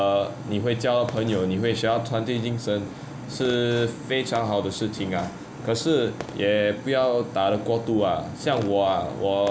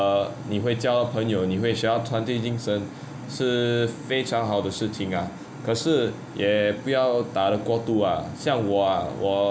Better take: second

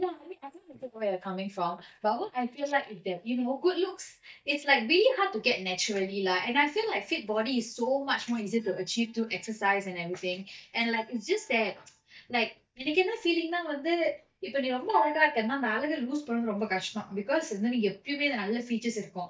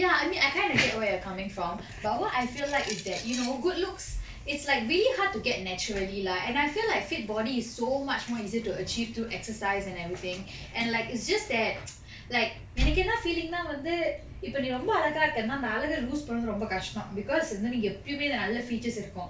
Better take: second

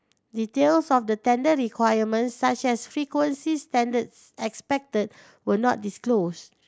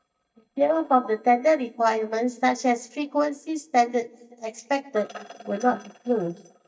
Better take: first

